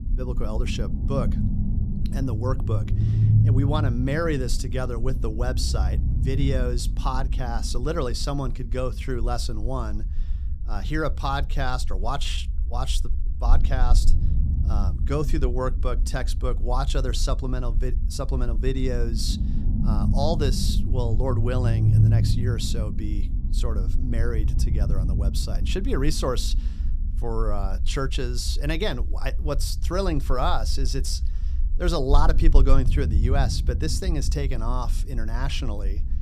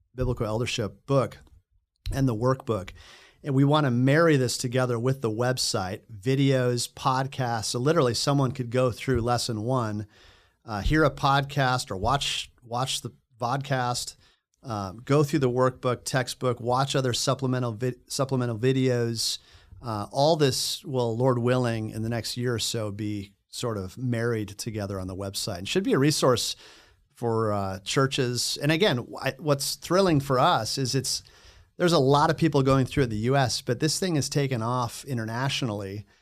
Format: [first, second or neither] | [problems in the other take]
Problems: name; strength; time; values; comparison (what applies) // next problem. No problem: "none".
second | low rumble; noticeable; throughout; 10 dB below the speech